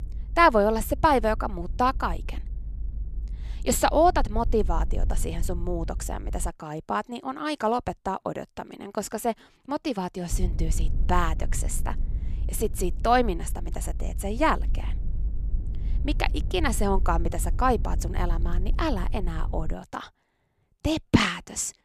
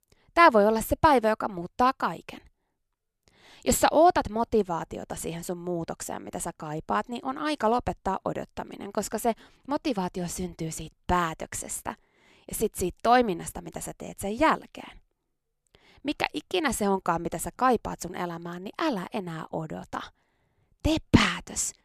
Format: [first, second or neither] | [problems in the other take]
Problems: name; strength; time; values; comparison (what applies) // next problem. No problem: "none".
second | low rumble; faint; until 6.5 s and from 10 to 20 s; 25 dB below the speech